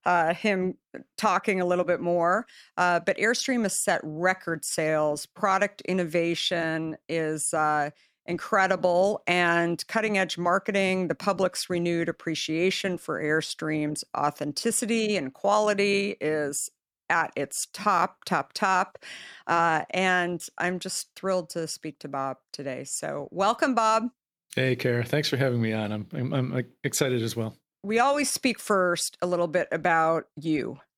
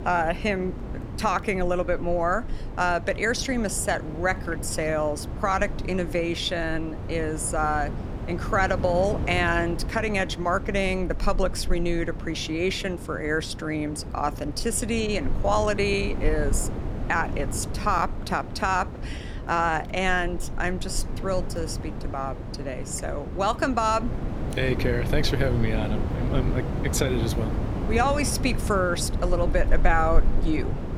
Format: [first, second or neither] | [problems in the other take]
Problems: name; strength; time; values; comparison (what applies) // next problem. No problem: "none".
first | wind noise on the microphone; occasional gusts; 15 dB below the speech